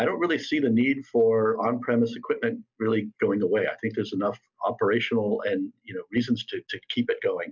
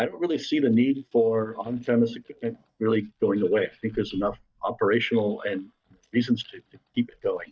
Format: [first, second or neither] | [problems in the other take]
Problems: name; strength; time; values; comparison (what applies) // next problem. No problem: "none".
first | noise reduction (neural mask model DeepFilterNet 3)